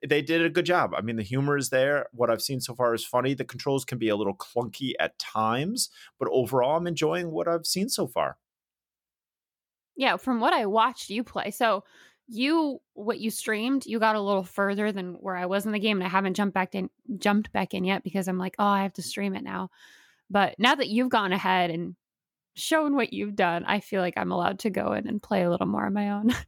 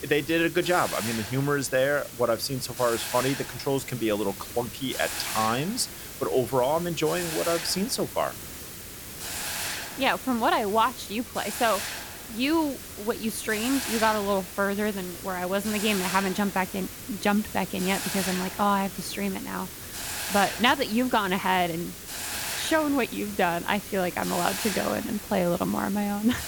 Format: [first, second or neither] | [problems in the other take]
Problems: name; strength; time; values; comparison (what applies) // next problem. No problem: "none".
first | hiss; loud; throughout; 7 dB below the speech